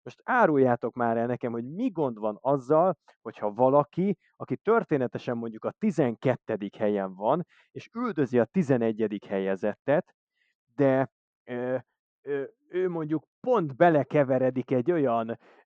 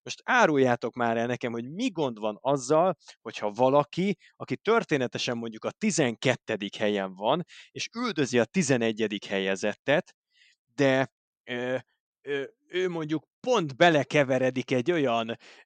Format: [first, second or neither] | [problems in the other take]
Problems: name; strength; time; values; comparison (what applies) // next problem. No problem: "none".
second | muffled; very; fading above 2 kHz